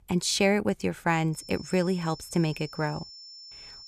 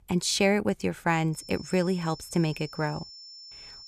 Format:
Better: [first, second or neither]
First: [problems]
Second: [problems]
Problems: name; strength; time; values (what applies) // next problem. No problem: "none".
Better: neither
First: high-pitched whine; noticeable; from 1.5 s on; 5.5 kHz, 15 dB below the speech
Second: high-pitched whine; noticeable; from 1.5 s on; 5.5 kHz, 15 dB below the speech